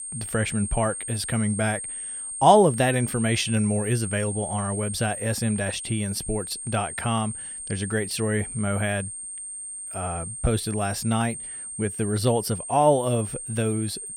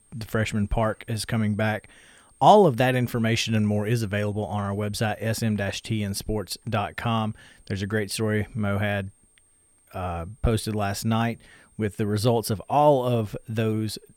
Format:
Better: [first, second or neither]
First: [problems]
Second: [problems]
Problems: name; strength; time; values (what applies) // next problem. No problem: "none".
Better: second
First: high-pitched whine; loud; throughout; 8.5 kHz, 7 dB below the speech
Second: high-pitched whine; faint; throughout; 8.5 kHz, 35 dB below the speech